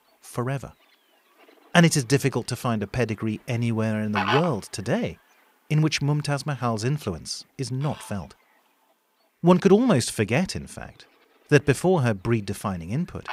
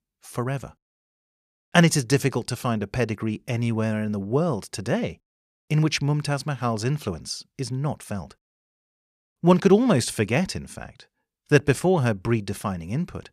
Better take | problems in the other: second | animal sounds; loud; throughout; 6 dB below the speech

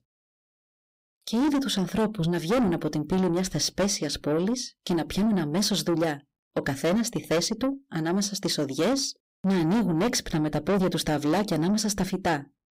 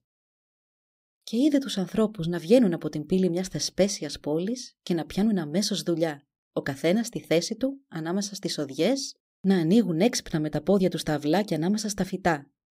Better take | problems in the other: second | distortion; heavy; 7 dB below the speech

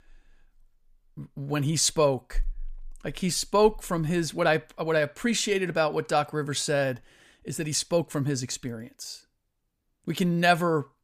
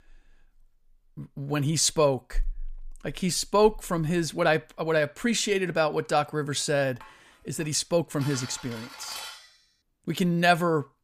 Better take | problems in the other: first | clattering dishes; faint; from 7 to 9.5 s; peak 10 dB below the speech

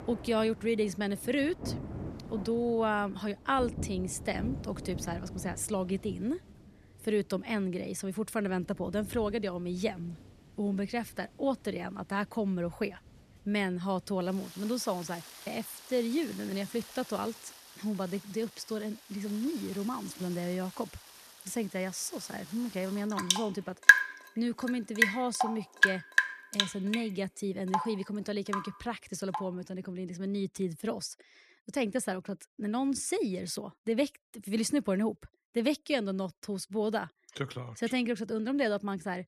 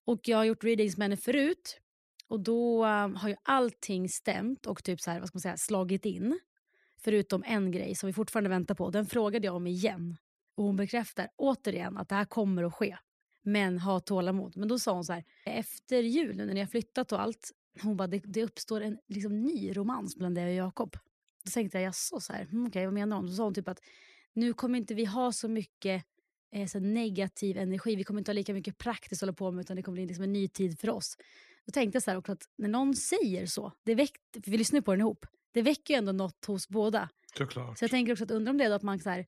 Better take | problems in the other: second | rain or running water; very loud; until 29 s; 3 dB above the speech

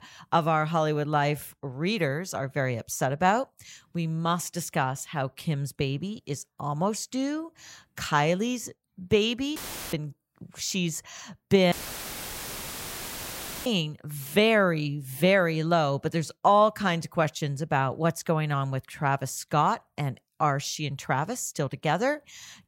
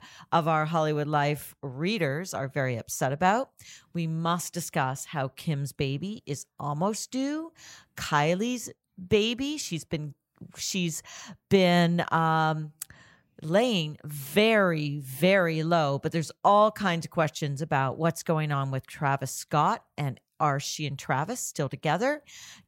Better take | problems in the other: second | audio cutting out; filled with static; at 9.5 s and at 12 s for 2 s

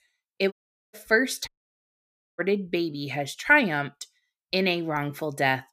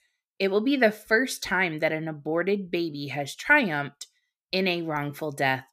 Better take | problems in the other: second | audio cutting out; at 0.5 s and at 1.5 s for 1 s

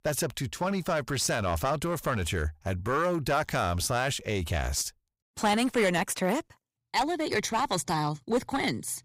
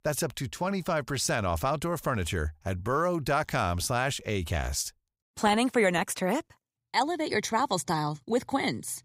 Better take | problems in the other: second | distortion; slight; 6% of the sound clipped

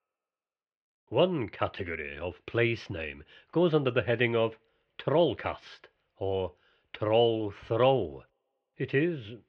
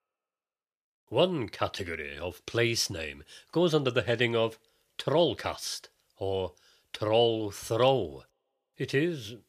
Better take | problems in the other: second | muffled; very; fading above 2.5 kHz

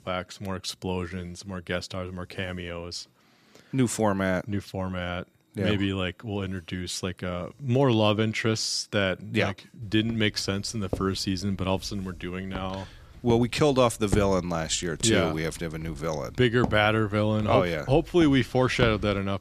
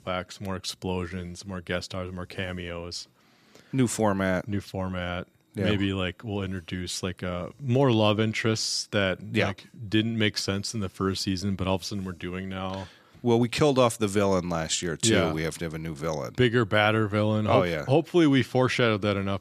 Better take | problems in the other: second | footsteps; noticeable; from 10 s on; peak 6 dB below the speech

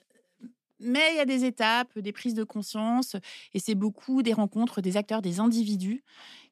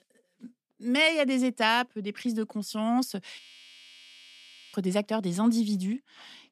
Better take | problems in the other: first | audio freezing; at 3.5 s for 1.5 s

